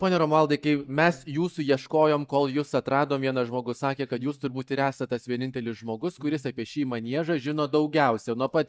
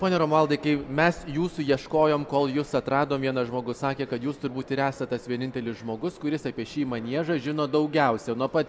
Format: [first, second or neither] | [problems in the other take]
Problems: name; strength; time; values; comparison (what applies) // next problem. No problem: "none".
second | noise reduction (neural mask model DeepFilterNet 3)